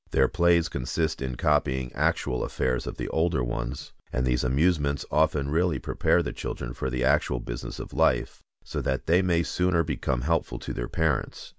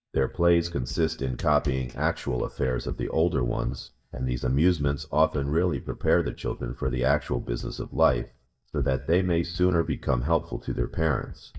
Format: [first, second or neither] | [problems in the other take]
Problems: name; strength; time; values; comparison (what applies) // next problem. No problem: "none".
first | noise reduction (neural mask model DeepFilterNet 3)